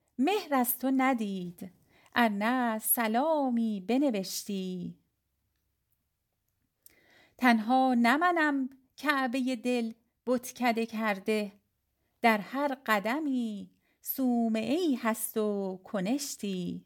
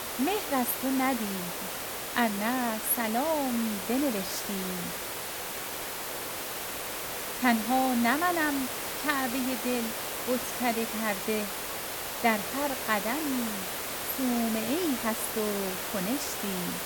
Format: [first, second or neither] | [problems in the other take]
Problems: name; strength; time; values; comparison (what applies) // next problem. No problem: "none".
first | hiss; loud; throughout; 3 dB below the speech